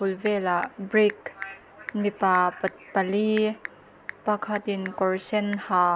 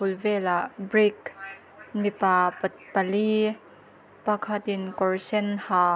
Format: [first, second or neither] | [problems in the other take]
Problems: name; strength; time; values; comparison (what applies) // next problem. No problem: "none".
second | background sound (Telephone / Typing); 18 dB below the speech